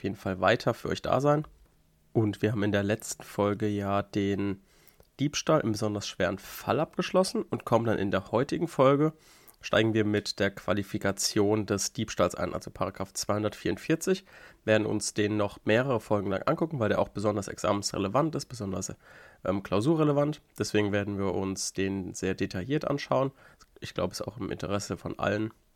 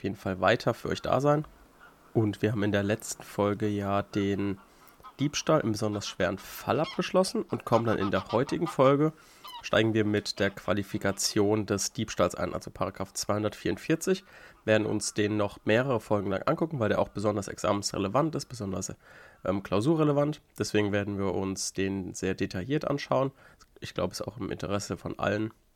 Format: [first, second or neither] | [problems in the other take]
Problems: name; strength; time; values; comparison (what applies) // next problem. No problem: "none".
first | animal sounds; noticeable; throughout; 20 dB below the speech